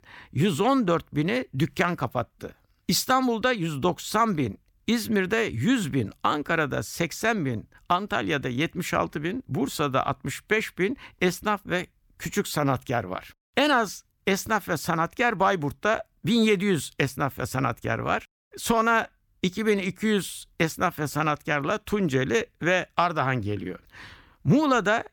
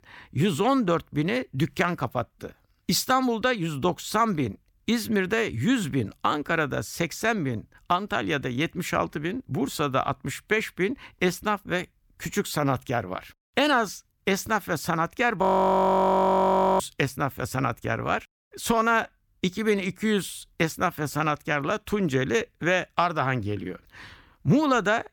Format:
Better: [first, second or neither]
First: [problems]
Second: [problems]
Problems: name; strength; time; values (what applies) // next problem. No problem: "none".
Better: first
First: none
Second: audio freezing; at 15 s for 1.5 s